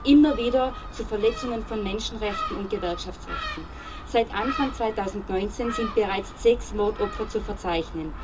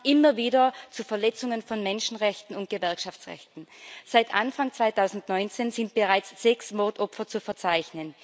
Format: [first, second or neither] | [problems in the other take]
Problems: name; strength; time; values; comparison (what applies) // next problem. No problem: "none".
second | background sound (Gull, seagull); 9 dB below the speech // room echo; dies away in 0.2 s